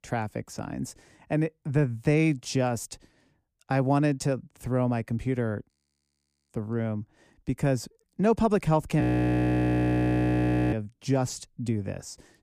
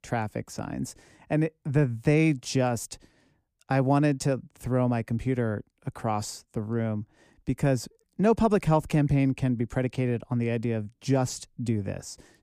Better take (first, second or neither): second